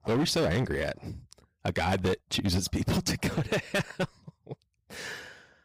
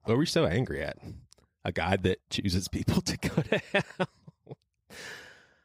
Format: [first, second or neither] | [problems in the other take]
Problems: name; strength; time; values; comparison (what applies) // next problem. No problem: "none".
second | distortion; heavy; 10% of the sound clipped